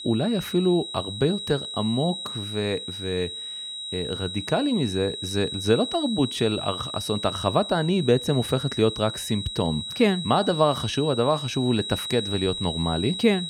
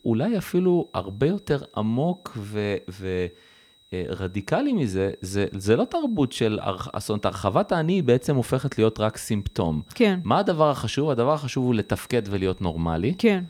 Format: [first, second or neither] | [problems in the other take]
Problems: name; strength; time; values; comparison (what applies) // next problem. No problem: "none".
second | high-pitched whine; loud; throughout; 4 kHz, 7 dB below the speech; faint in the second